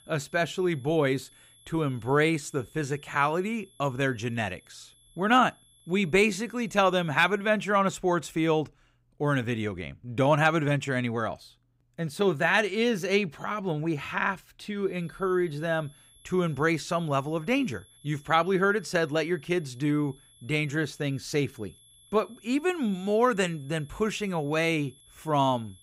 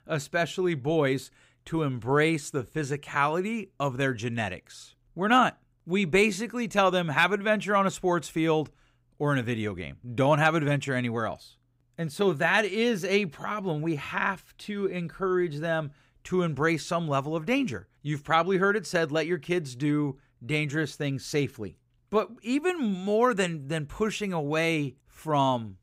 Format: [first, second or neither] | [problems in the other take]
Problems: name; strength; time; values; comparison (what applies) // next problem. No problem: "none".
second | high-pitched whine; faint; until 7.5 s and from 15 s on; 3.5 kHz, 30 dB below the speech